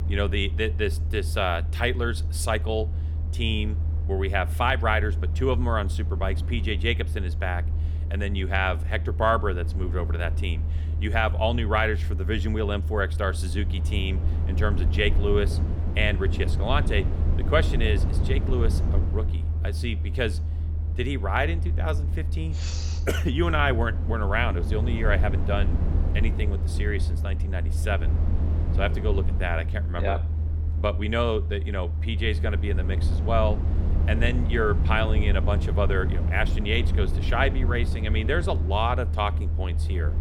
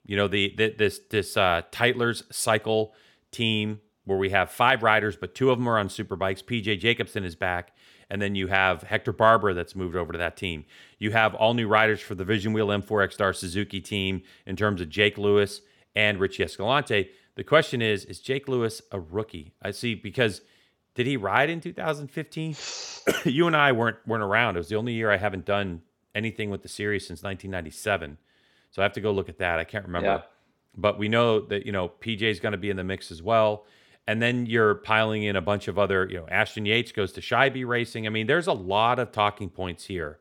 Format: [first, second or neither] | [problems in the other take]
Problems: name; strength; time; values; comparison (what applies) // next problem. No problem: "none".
second | low rumble; noticeable; throughout; 15 dB below the speech